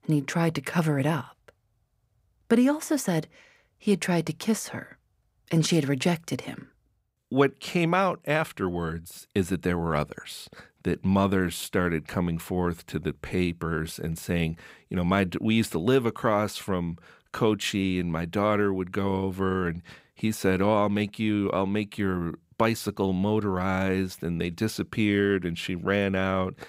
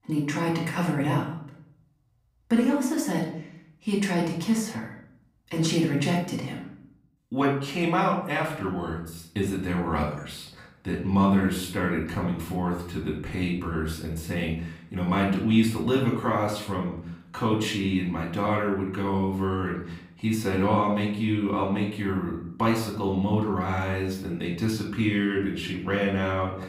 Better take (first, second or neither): first